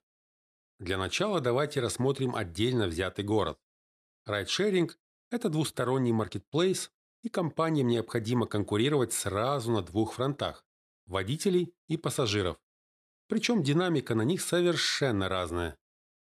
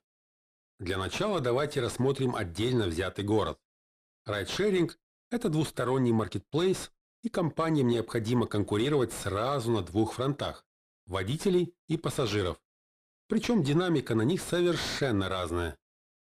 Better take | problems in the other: first | distortion; slight; 10 dB below the speech

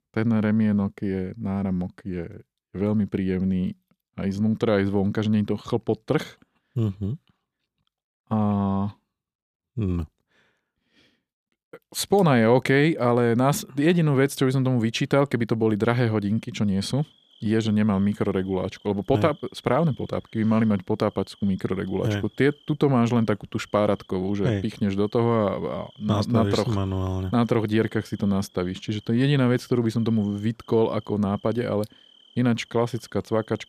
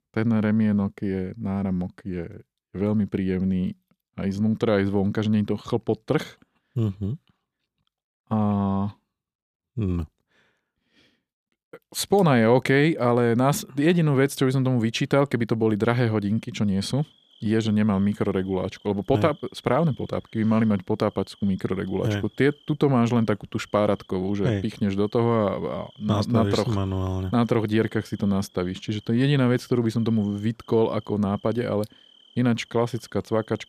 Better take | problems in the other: neither | animal sounds; faint; from 16 s on; 30 dB below the speech; the same in both

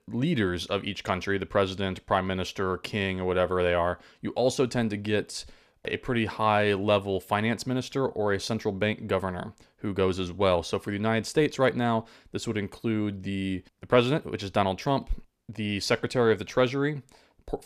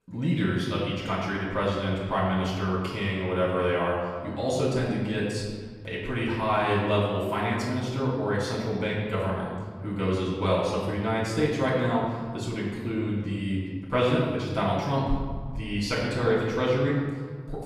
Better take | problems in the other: first | off-mic speech; far // room echo; noticeable; dies away in 1.8 s

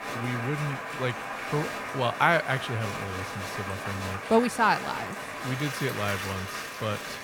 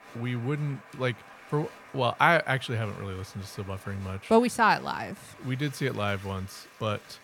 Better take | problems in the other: second | crowd noise; loud; throughout; 5 dB below the speech; faint in the second

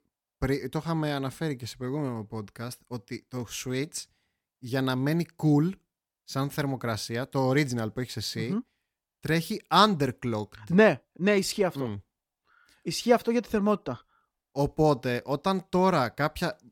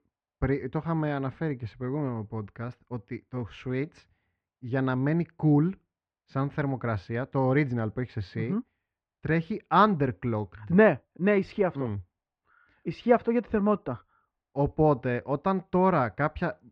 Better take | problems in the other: first | muffled; very; fading above 2 kHz

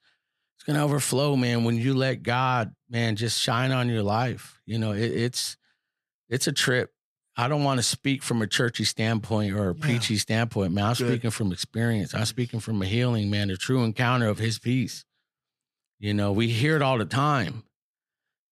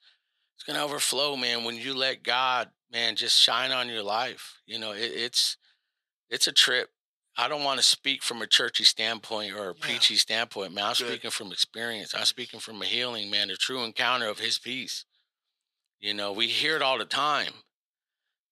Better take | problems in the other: first | thin; very; fading below 550 Hz

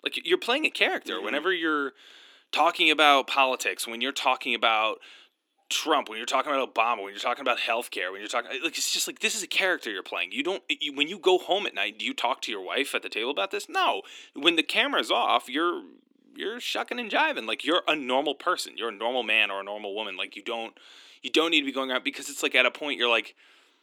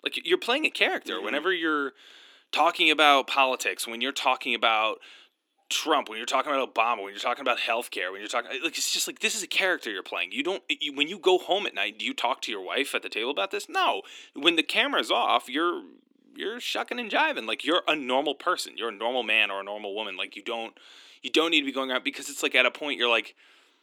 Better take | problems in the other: neither | thin; somewhat; fading below 300 Hz; the same in both

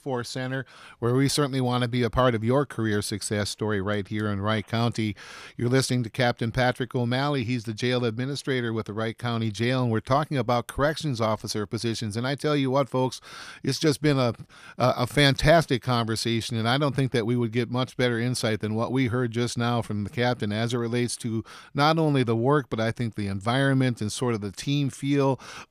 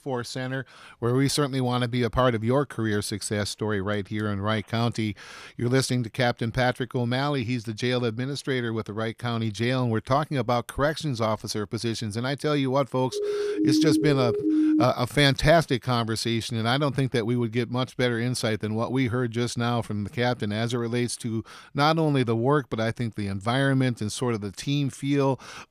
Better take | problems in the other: first | siren; loud; from 13 to 15 s; peak 4 dB above the speech

